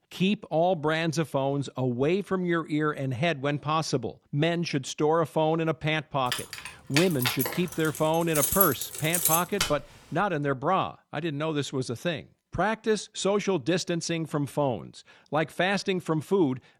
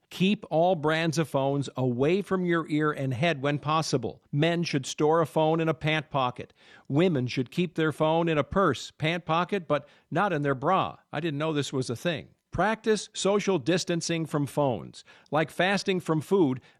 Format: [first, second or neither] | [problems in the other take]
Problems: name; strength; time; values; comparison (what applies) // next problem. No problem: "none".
second | jangling keys; loud; from 6.5 to 9.5 s; peak 5 dB above the speech